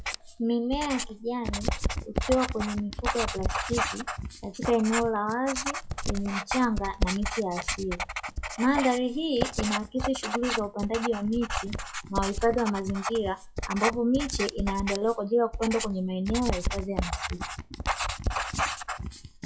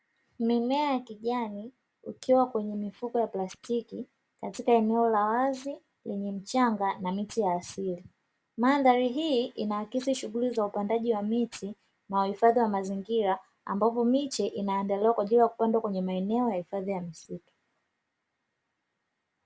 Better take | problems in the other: second | noise reduction (classical method WPE with log-MMSE)

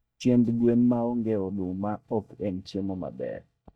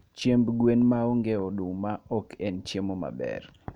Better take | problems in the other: second | noise reduction (neural mask model DeepFilterNet 3)

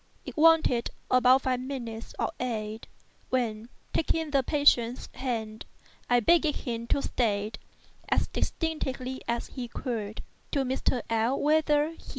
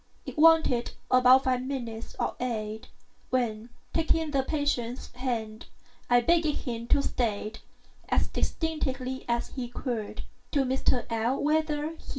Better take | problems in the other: first | room echo; dies away in 0.2 s

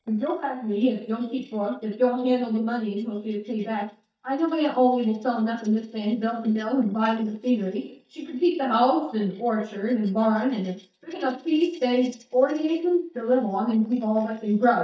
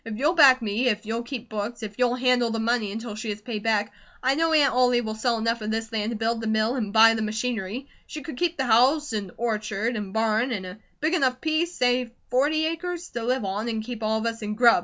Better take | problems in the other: second | noise reduction (neural mask model DeepFilterNet 3)

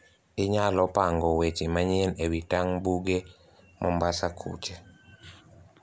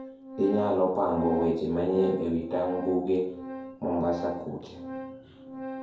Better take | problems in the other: first | background sound (Organ); 11 dB below the speech // room echo; dies away in 2.2 s

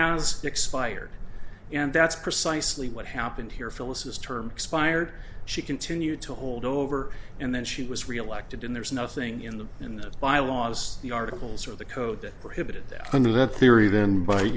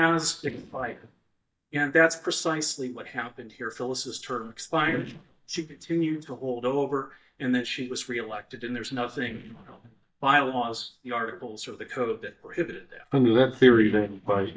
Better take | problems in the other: first | noise reduction (neural mask model DeepFilterNet 3)

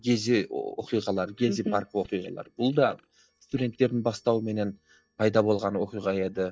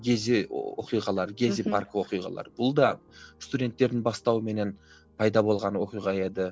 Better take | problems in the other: second | noise reduction (neural mask model DeepFilterNet 3)

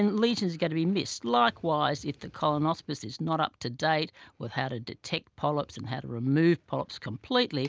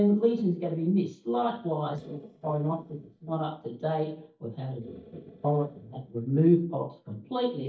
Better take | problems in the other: first | noise reduction (neural mask model DeepFilterNet 3)

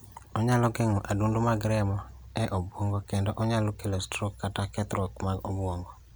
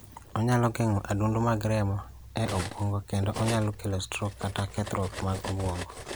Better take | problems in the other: first | background sound (Cutlery, silverware); 13 dB below the speech

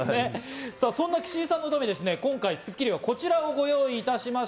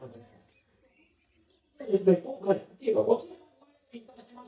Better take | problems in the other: first | noise reduction (neural mask model DeepFilterNet 3)

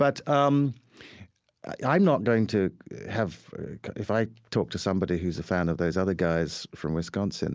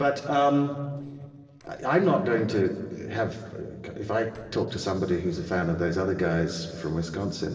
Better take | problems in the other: first | noise reduction (neural separator model SepFormer DNS4)

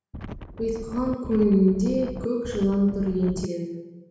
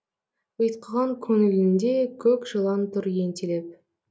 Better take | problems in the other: second | background sound (Wind); 13 dB below the speech // room echo; dies away in 1.1 s

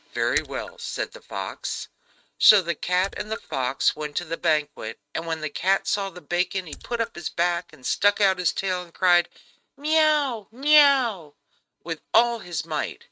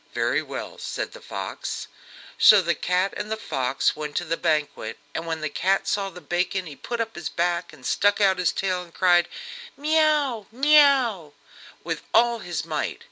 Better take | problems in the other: second | noise reduction (neural mask model RNNoise)

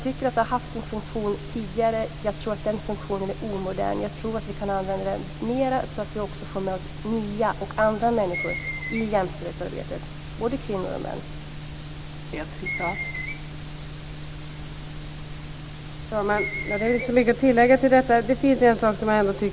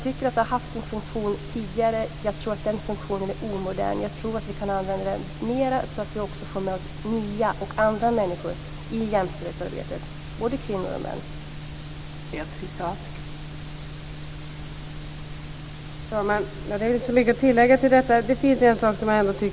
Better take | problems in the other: second | background sound (Screech); 12 dB below the speech

